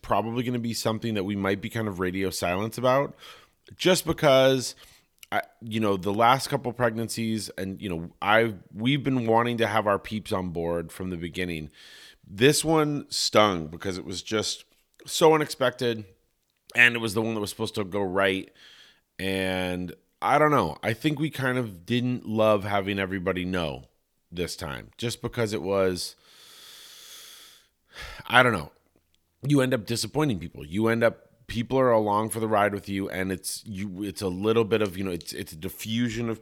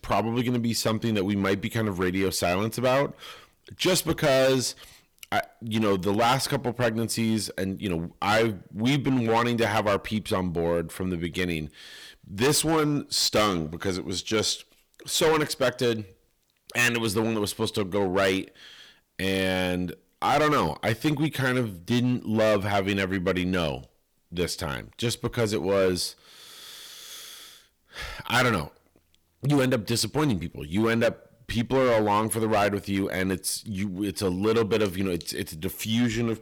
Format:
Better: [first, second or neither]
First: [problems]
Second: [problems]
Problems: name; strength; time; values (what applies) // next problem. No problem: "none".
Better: first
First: none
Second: distortion; heavy; 8% of the sound clipped